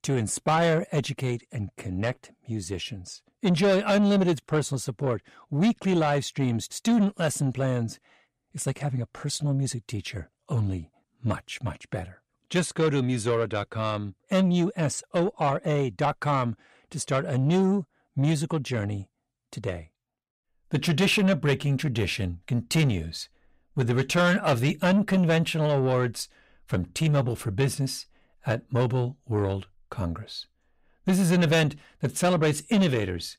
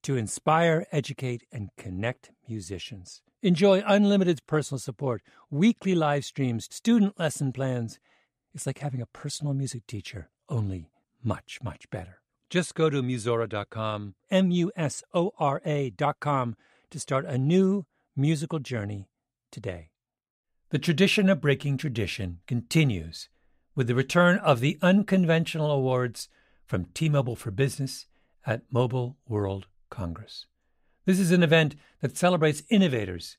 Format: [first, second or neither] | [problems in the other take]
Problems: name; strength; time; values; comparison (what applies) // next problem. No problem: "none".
second | distortion; slight; 10 dB below the speech